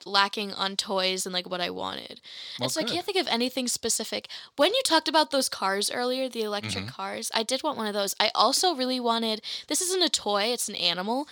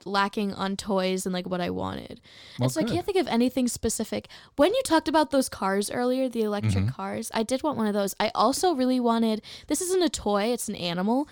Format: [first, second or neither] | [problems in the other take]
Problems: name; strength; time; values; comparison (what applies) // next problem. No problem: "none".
second | thin; very slightly; fading below 1 kHz